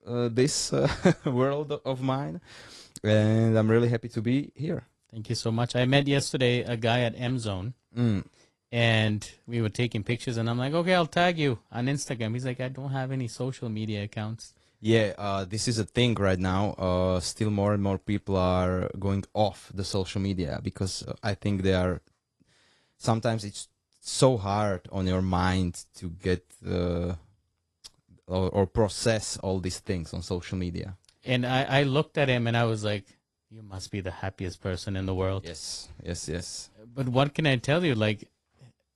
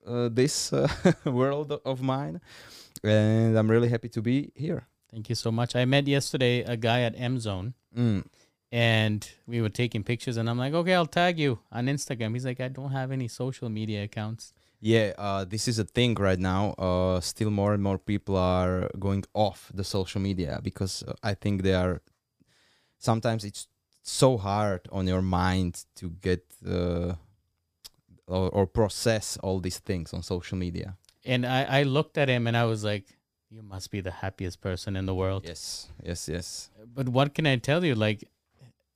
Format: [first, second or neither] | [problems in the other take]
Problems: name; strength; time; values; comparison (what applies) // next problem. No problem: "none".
second | garbled, watery; slightly